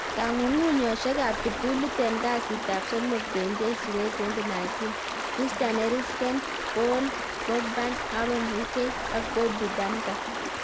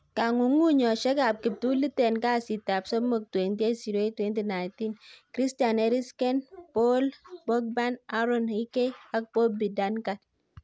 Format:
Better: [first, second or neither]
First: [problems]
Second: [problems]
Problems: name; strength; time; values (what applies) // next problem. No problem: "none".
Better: second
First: background sound (Stream); 3 dB below the speech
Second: none